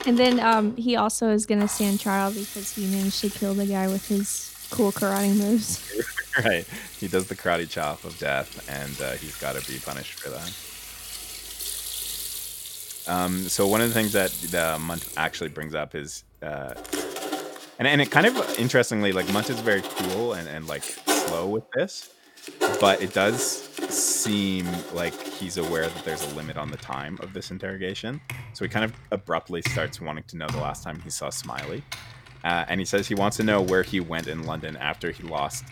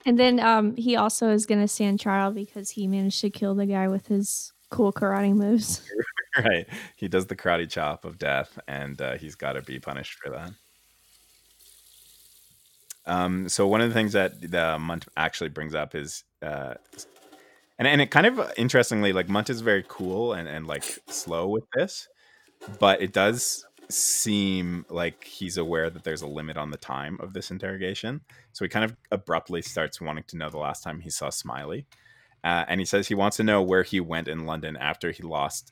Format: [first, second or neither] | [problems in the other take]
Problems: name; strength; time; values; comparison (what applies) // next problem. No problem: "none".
second | household noises; loud; throughout; 7 dB below the speech; faint in the second